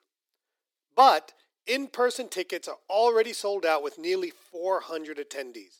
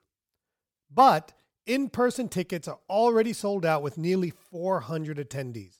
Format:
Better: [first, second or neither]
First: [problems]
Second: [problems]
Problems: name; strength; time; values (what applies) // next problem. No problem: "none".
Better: second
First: thin; somewhat; fading below 300 Hz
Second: none